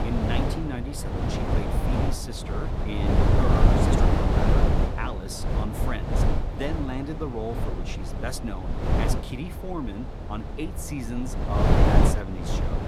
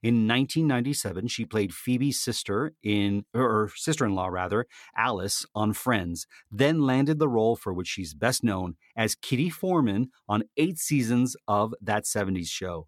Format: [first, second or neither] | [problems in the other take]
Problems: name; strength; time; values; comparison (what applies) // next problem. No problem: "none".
second | wind noise on the microphone; heavy; 5 dB above the speech